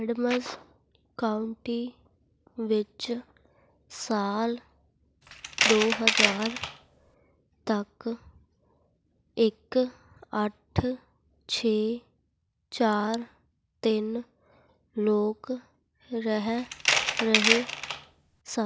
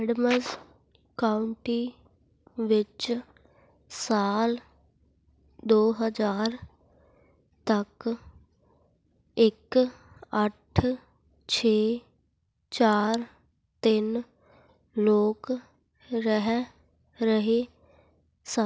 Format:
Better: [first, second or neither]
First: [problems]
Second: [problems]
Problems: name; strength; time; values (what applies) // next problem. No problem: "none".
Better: second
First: background sound (Tools); 3 dB above the speech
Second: none